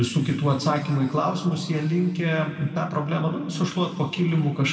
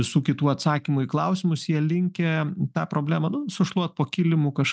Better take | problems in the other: second | room echo; dies away in 2 s

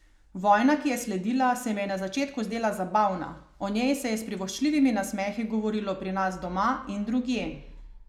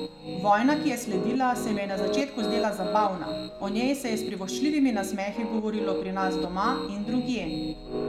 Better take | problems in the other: first | background sound (Piano); 5 dB below the speech

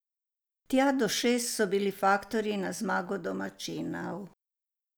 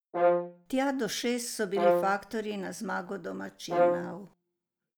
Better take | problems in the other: first | background sound (Brass instrument); 4 dB above the speech

